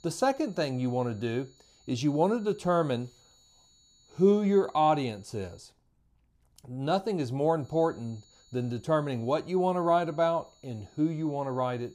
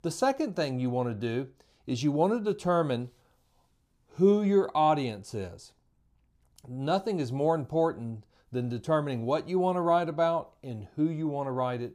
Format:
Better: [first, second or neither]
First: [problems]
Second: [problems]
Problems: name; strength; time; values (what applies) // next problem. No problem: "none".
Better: second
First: high-pitched whine; faint; until 5.5 s and from 7.5 s on; 4.5 kHz, 30 dB below the speech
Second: none